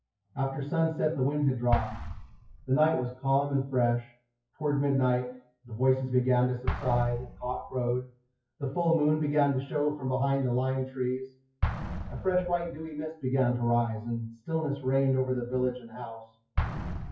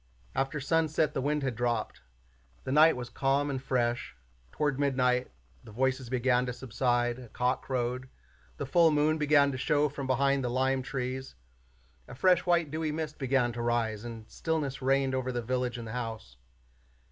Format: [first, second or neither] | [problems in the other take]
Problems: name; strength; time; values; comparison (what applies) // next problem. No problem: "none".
second | noise reduction (classical method WPE with log-MMSE)